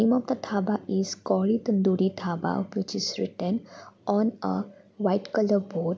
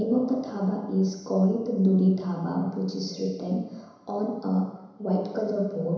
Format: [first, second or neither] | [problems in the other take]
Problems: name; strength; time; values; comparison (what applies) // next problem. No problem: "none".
first | room echo; dies away in 1 s